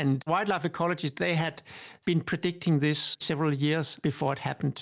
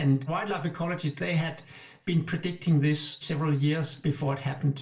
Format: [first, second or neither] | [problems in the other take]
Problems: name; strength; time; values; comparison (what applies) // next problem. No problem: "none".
first | room echo; dies away in 0.3 s